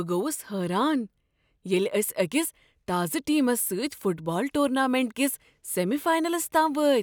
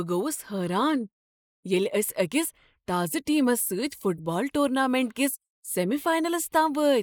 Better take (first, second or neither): first